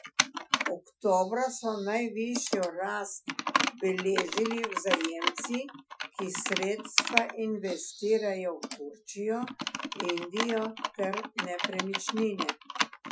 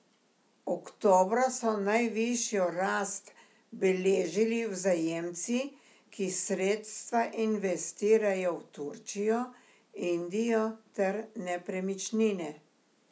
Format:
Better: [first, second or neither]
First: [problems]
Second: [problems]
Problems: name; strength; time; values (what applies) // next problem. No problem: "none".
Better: second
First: noise reduction (classical method Wiener filter)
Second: none